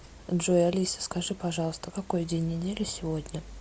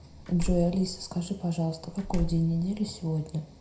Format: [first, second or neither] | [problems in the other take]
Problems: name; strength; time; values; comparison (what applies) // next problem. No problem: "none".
first | background sound (Slam); 6 dB below the speech // room echo; dies away in 0.5 s